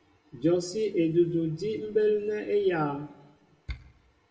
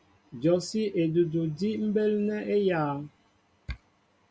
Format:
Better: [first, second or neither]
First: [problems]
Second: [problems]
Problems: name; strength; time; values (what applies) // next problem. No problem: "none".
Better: second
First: room echo; dies away in 0.7 s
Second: none